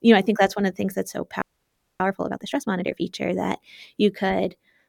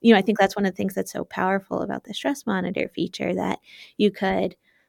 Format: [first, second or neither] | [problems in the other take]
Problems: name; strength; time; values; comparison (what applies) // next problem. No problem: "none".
second | audio freezing; at 1.5 s for 0.5 s